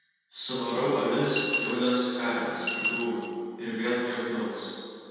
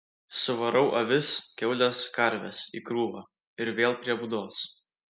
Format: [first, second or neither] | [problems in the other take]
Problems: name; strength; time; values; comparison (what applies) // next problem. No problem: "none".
second | background sound (Coin (dropping) / Glass); 4 dB below the speech // room echo; dies away in 2 s